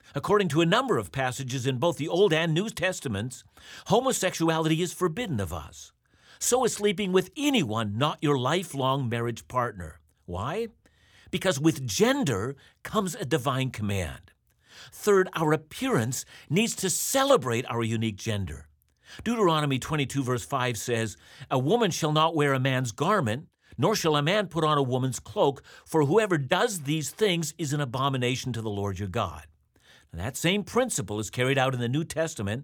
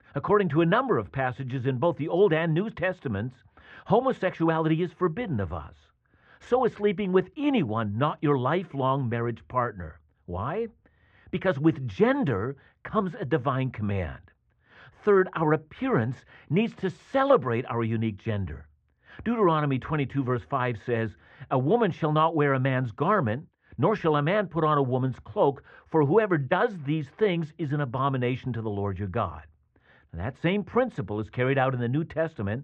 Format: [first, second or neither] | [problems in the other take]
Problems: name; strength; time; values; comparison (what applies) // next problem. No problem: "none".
first | muffled; very; fading above 2 kHz